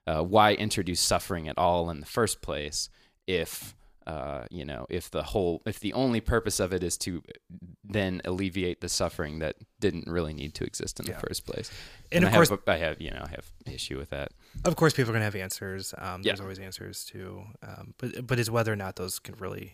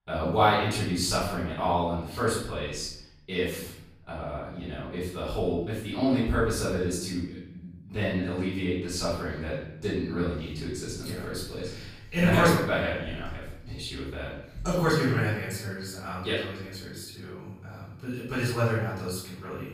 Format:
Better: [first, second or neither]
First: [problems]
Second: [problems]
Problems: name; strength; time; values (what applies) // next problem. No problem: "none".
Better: first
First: none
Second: off-mic speech; far // room echo; noticeable; dies away in 0.8 s